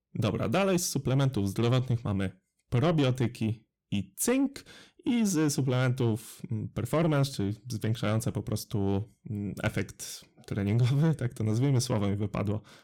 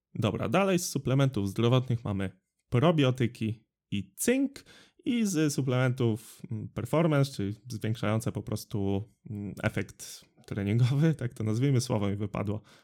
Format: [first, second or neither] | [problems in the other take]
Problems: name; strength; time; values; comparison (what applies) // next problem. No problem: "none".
second | distortion; slight; 10 dB below the speech